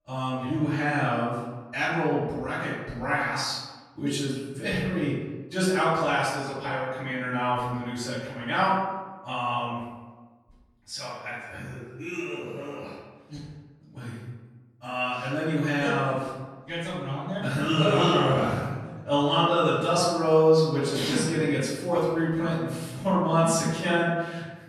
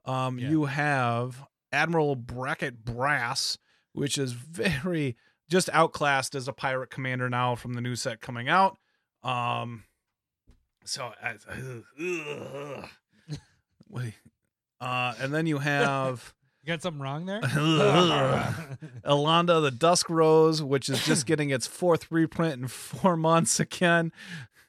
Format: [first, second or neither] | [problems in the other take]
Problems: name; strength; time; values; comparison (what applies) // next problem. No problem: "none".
second | off-mic speech; far // room echo; strong; dies away in 1.1 s